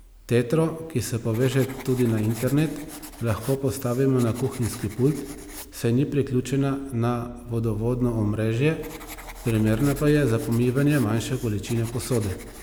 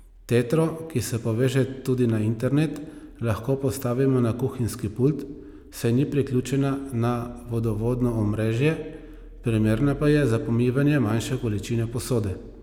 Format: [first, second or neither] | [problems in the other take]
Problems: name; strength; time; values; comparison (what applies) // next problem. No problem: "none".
second | background sound (Writing); 19 dB below the speech